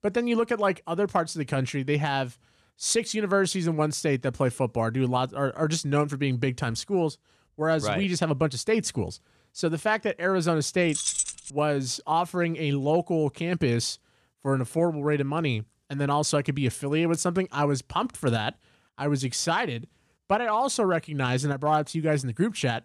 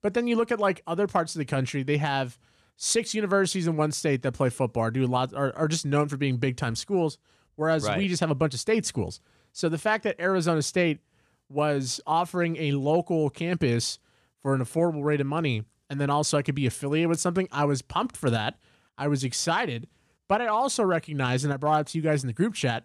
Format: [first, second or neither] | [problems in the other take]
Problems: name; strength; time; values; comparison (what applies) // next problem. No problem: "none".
second | jangling keys; loud; at 11 s; peak 1 dB above the speech